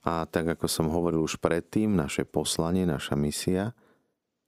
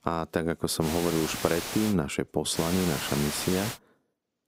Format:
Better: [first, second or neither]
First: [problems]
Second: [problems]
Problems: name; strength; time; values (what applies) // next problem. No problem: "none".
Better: first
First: none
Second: hiss; very faint; from 1 to 2 s and from 2.5 to 3.5 s; 5 dB below the speech